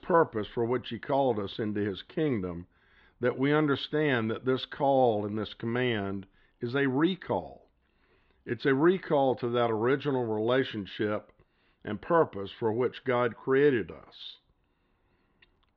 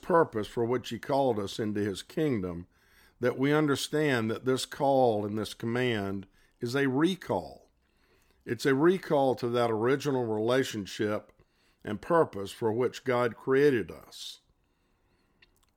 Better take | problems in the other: second | muffled; slightly; fading above 3.5 kHz

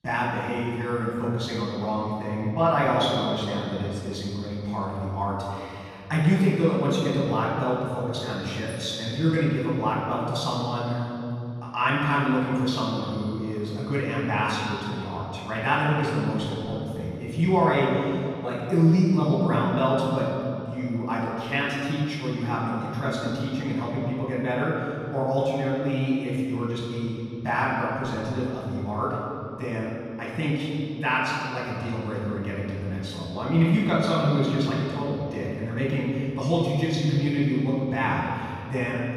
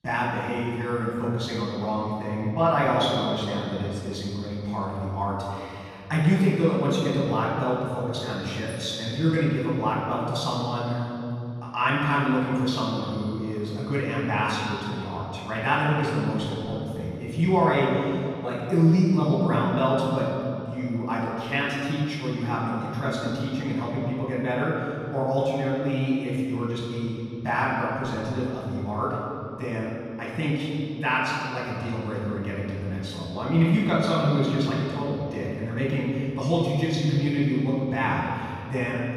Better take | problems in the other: neither | off-mic speech; far; the same in both // room echo; strong; dies away in 2.5 s; the same in both

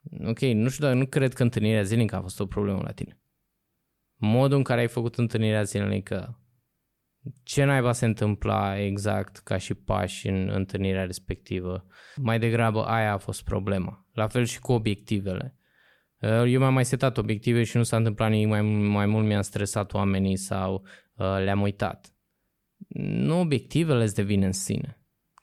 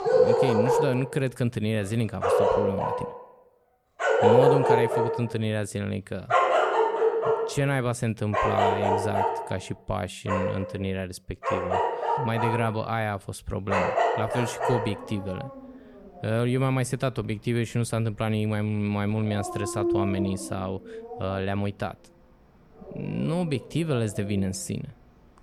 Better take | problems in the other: first | animal sounds; very loud; throughout; 4 dB above the speech

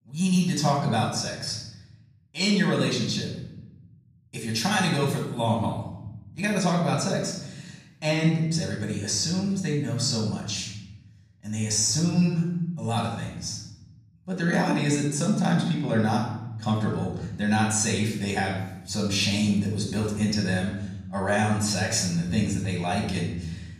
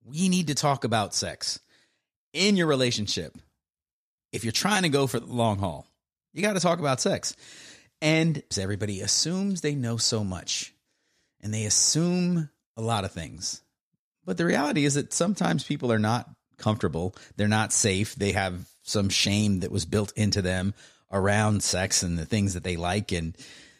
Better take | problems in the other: second | room echo; noticeable; dies away in 1 s // off-mic speech; far

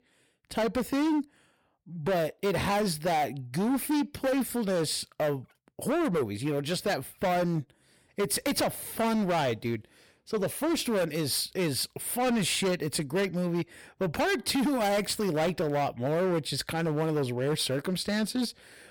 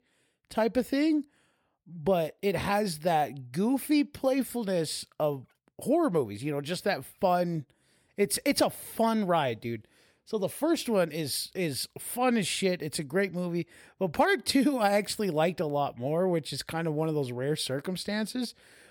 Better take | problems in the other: second | distortion; heavy; 17% of the sound clipped

